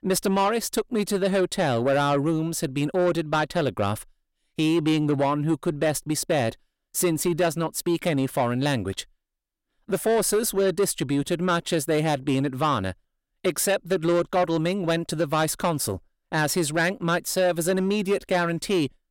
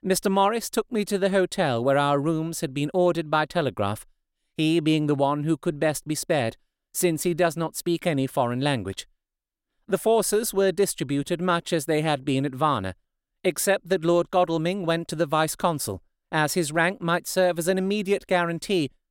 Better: second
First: distortion; slight; 10 dB below the speech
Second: none

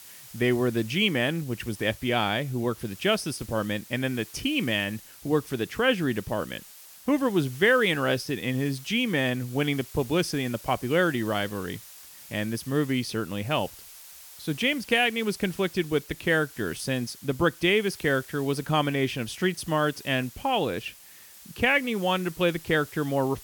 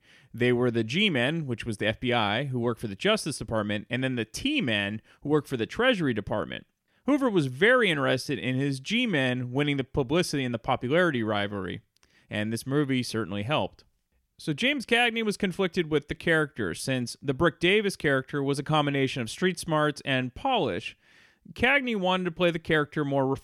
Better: second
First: hiss; noticeable; throughout; 20 dB below the speech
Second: none

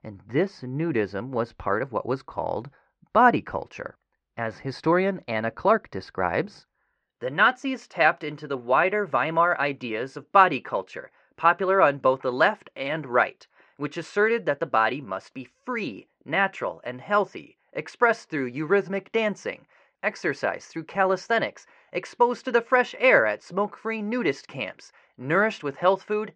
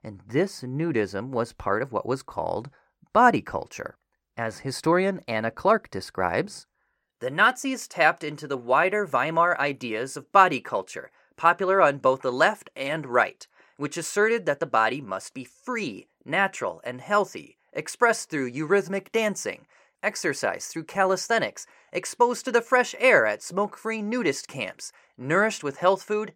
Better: second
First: muffled; slightly; fading above 4 kHz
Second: none

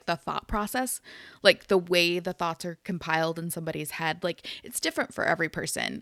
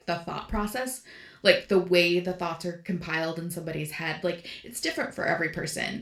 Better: first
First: none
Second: room echo; very slight; dies away in 0.3 s // off-mic speech; somewhat distant

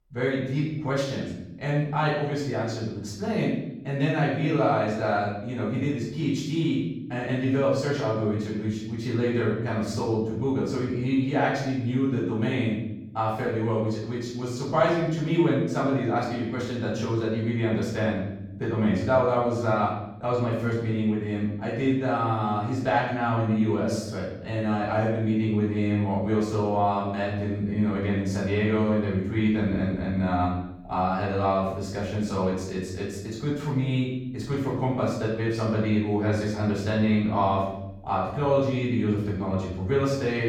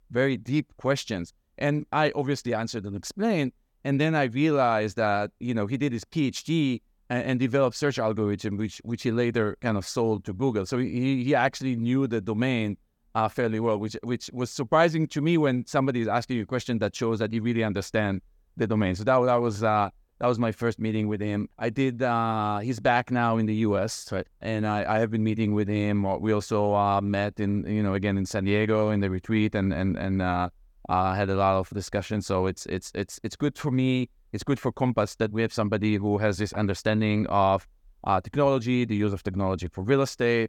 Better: second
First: off-mic speech; far // room echo; noticeable; dies away in 0.9 s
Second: none

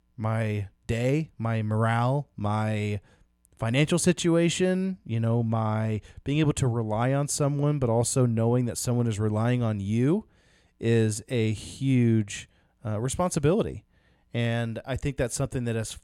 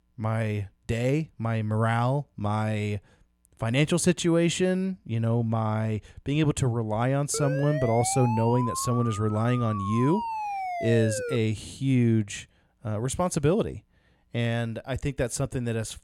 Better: first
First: none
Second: siren; noticeable; from 7.5 to 11 s; peak 5 dB below the speech

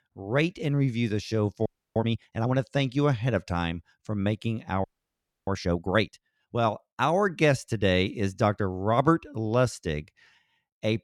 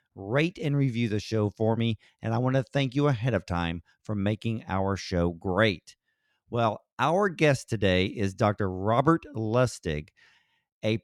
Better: second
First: audio freezing; at 1.5 s and at 5 s for 0.5 s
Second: none

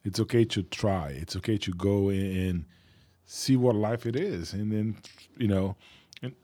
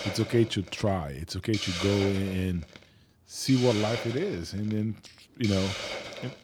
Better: first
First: none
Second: hiss; loud; throughout; 7 dB below the speech

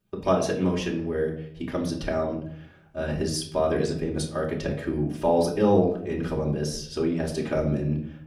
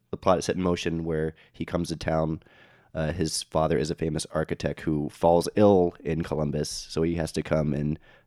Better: second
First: room echo; slight; dies away in 0.5 s // off-mic speech; far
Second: none

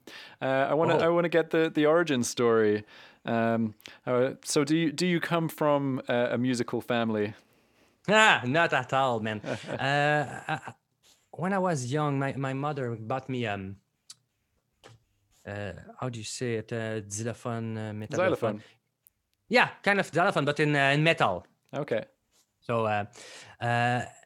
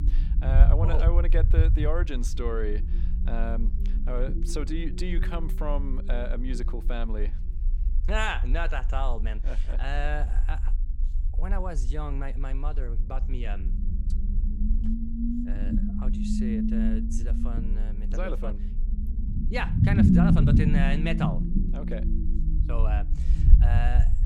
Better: first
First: none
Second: low rumble; loud; throughout; 2 dB below the speech

